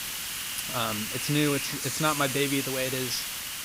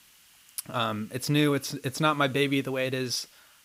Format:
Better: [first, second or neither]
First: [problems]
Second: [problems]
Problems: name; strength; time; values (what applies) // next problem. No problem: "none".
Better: second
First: hiss; loud; throughout; 1 dB below the speech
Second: hiss; faint; throughout; 25 dB below the speech